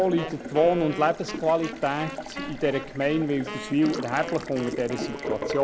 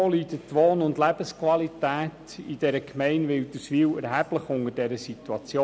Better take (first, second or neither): second